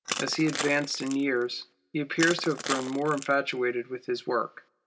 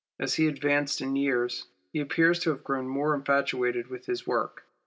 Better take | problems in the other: second | background sound (Crushing); 9 dB below the speech

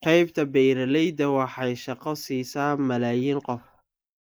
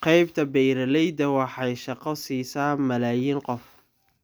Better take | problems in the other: second | noise reduction (neural mask model Resemble Enhance denoiser)

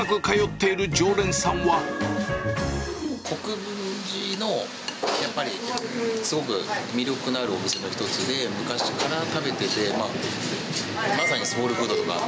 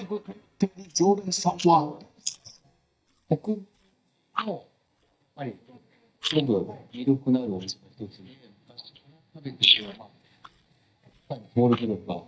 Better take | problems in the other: first | noise reduction (neural mask model DeepFilterNet 3)

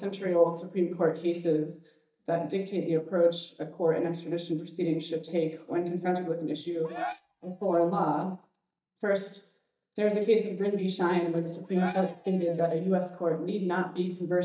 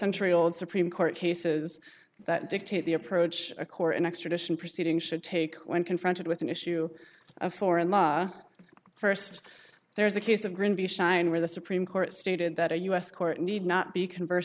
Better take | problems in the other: second | noise reduction (neural mask model DeepFilterNet 3)

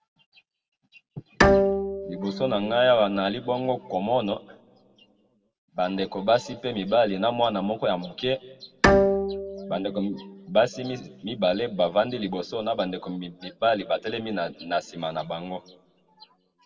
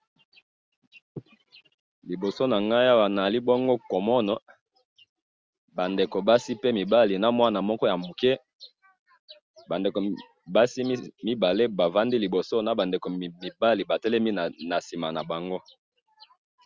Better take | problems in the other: second | background sound (Bowed string instrument); as loud as the speech // room echo; dies away in 1.1 s

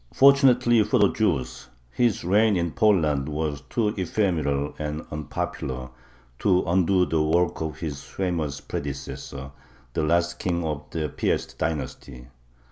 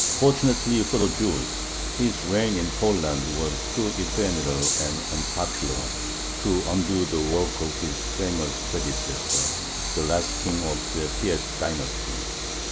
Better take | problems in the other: first | background sound (Train); 2 dB below the speech

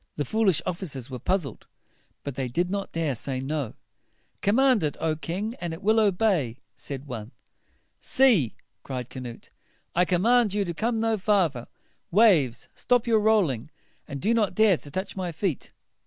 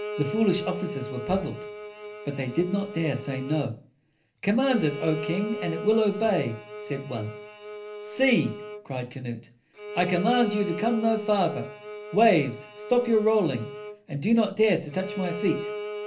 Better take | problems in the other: first | background sound (Bowed string instrument); 10 dB below the speech // room echo; dies away in 0.3 s

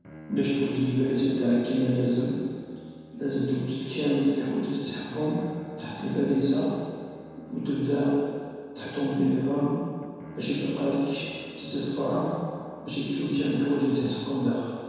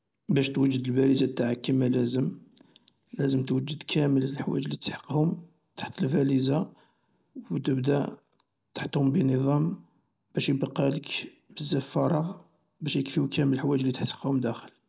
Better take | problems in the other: second | background sound (Bowed string instrument); 20 dB below the speech // room echo; dies away in 1.9 s

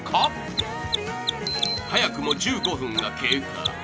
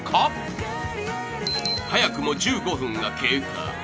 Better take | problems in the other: second | background sound (Mechanisms); 5 dB below the speech

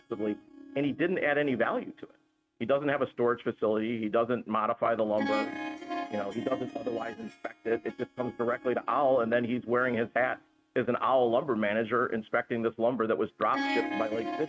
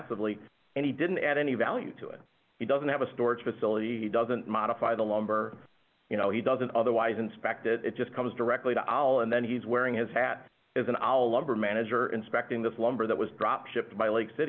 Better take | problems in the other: second | noise reduction (neural mask model RNNoise)

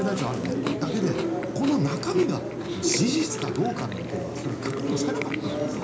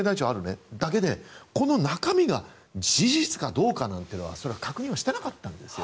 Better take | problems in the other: second | background sound (Chewing, mastication); 1 dB below the speech // room echo; dies away in 0.4 s

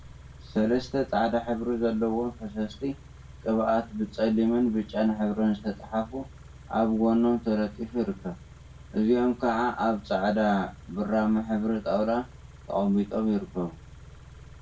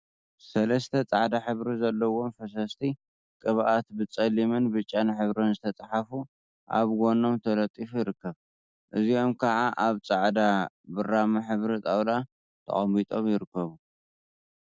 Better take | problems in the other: second | background sound (Idling / Car); 19 dB below the speech // room echo; dies away in 0.2 s

